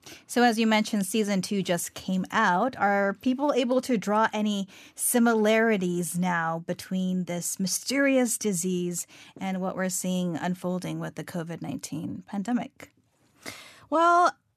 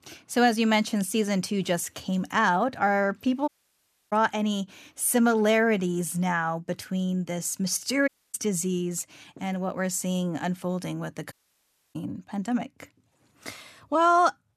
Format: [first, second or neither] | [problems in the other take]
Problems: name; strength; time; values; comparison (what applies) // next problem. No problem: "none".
first | audio cutting out; at 3.5 s for 0.5 s, at 8 s and at 11 s for 0.5 s